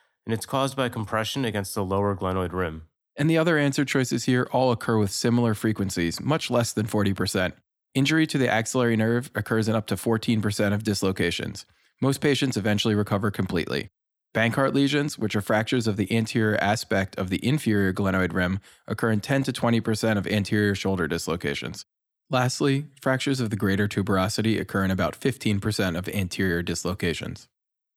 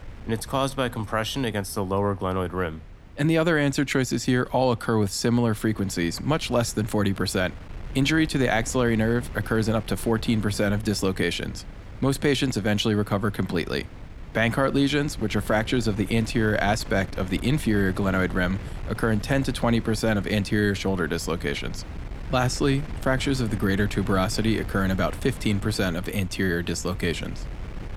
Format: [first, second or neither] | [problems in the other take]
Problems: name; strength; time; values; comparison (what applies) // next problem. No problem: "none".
first | wind noise on the microphone; occasional gusts; 20 dB below the speech